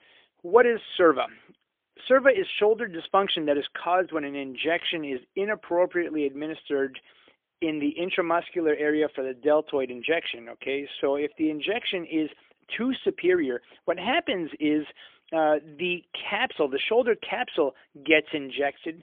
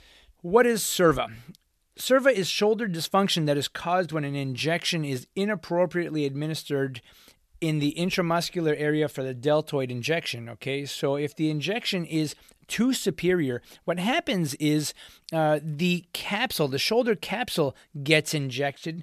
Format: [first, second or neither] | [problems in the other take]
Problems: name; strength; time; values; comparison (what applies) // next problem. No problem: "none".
second | phone-call audio; poor line; nothing above 3.5 kHz